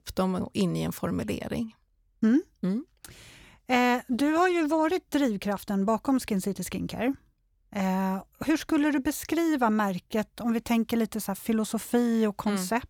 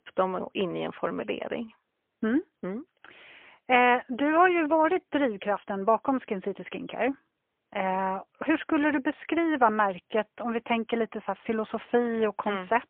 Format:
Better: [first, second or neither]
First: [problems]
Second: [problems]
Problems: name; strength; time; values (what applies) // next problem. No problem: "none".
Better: first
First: none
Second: phone-call audio; poor line; nothing above 3 kHz